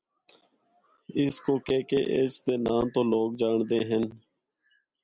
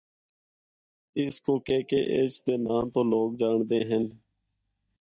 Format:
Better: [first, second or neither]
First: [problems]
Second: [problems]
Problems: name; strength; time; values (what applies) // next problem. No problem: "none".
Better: first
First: none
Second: noise reduction (neural mask model DeepFilterNet 3)